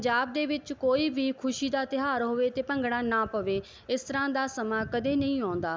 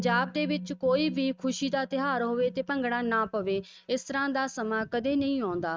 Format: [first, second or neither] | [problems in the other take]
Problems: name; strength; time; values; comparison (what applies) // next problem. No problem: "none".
first | noise reduction (neural mask model RNNoise)